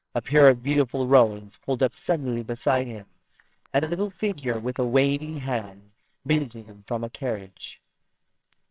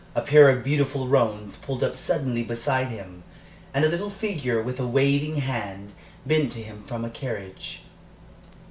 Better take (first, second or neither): second